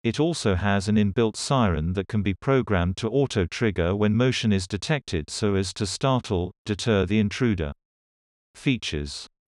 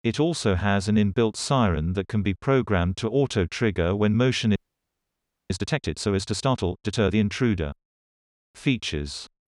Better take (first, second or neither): first